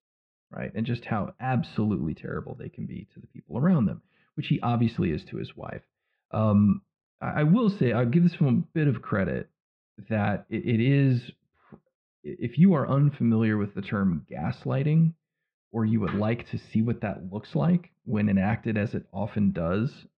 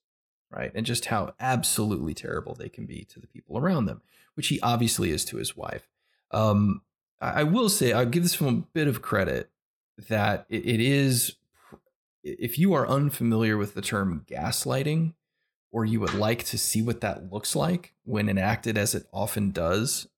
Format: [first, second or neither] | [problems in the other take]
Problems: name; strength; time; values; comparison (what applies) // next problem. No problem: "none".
second | muffled; very; fading above 3 kHz